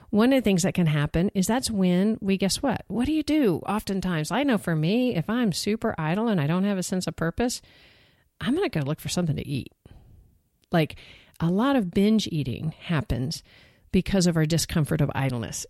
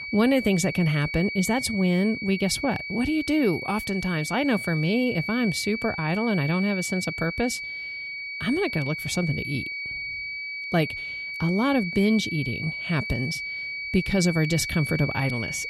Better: first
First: none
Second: high-pitched whine; loud; throughout; 2.5 kHz, 5 dB below the speech

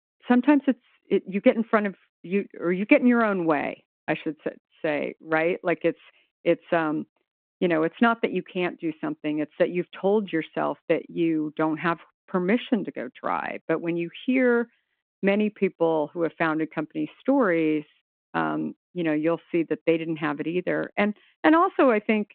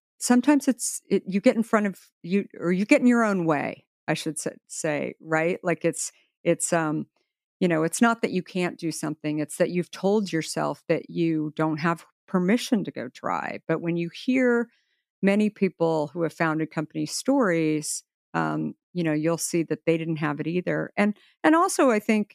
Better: second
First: phone-call audio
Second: none

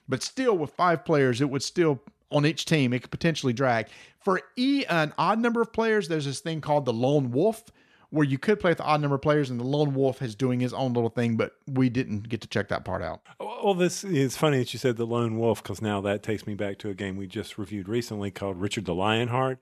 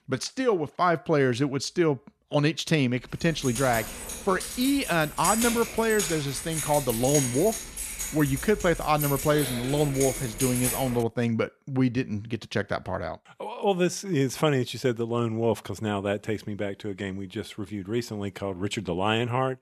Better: first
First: none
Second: jangling keys; loud; from 3.5 to 11 s; peak 1 dB above the speech

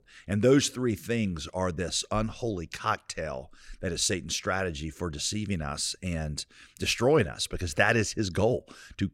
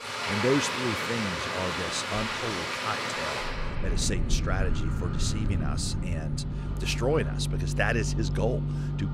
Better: first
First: none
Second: household noises; very loud; throughout; 1 dB above the speech

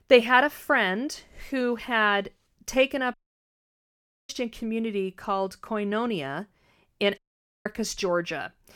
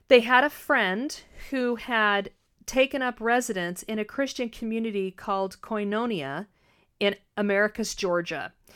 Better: second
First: audio cutting out; at 3 s for 1 s and at 7 s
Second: none

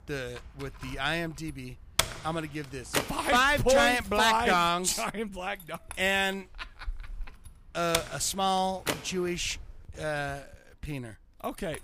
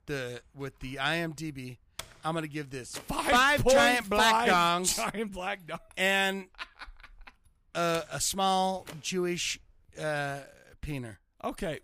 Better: second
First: household noises; loud; throughout; 8 dB below the speech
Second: household noises; faint; throughout; 25 dB below the speech

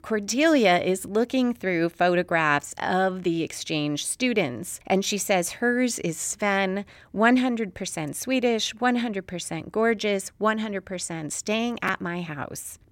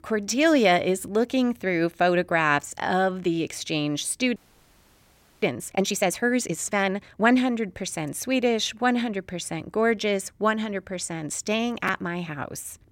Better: first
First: none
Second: audio freezing; at 4.5 s for 1 s

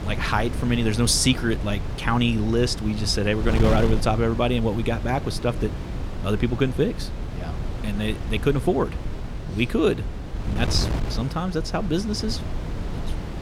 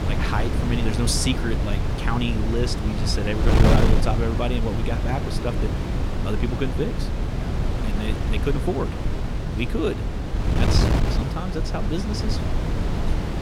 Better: first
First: wind noise on the microphone; occasional gusts; 10 dB below the speech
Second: wind noise on the microphone; heavy; 2 dB below the speech

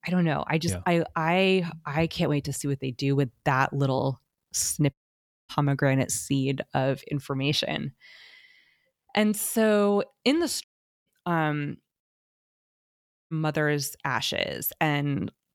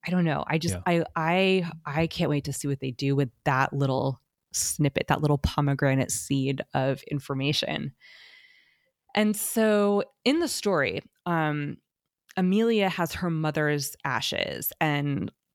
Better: second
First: audio cutting out; at 5 s for 0.5 s, at 11 s and at 12 s for 1.5 s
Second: none

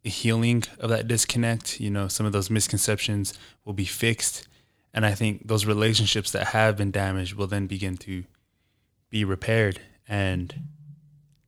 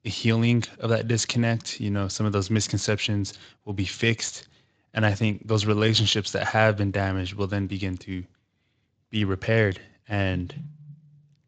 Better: first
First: none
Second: garbled, watery; slightly; nothing above 7.5 kHz

